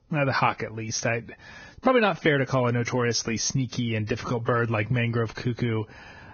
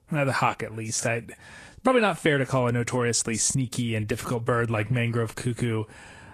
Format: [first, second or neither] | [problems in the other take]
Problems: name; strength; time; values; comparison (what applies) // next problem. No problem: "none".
second | garbled, watery; badly; nothing above 6.5 kHz; slightly in the second